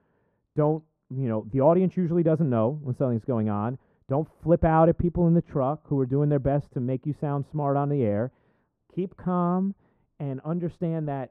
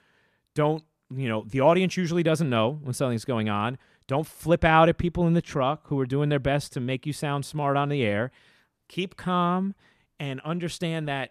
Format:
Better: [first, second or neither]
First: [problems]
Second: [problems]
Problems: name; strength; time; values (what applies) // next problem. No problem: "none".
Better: second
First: muffled; very; fading above 1.5 kHz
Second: none